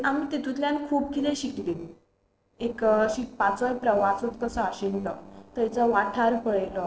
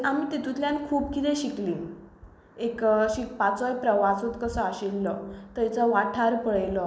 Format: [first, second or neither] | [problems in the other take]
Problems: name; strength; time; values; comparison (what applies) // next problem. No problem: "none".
second | noise reduction (neural separator model SepFormer DNS4)